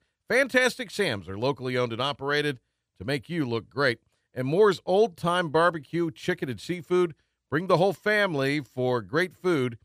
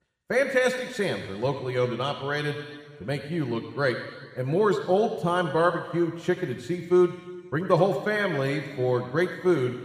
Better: first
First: none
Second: room echo; noticeable; dies away in 1.6 s

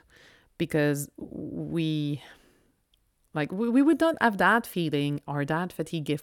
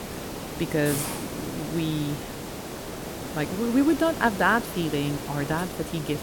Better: first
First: none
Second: hiss; loud; throughout; 7 dB below the speech

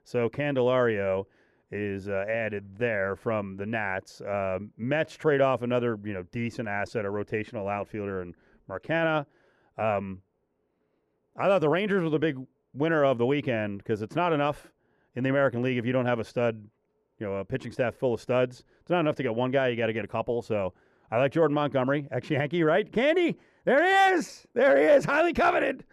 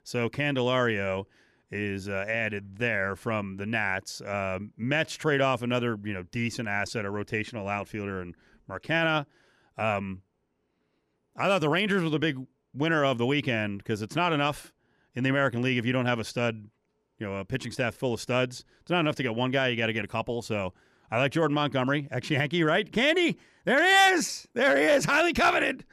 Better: second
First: muffled; slightly; fading above 2.5 kHz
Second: none

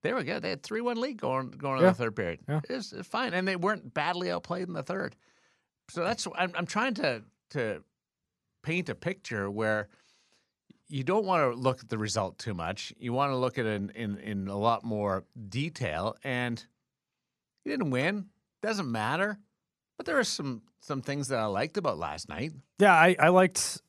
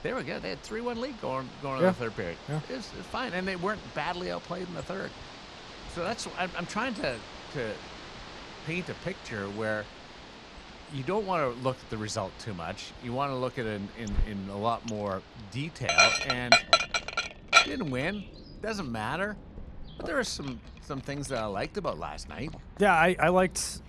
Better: first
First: none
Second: animal sounds; very loud; throughout; 5 dB above the speech

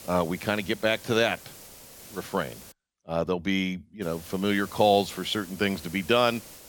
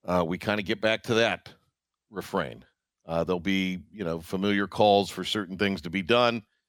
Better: second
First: hiss; noticeable; until 2.5 s and from 4 s on; 20 dB below the speech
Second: none

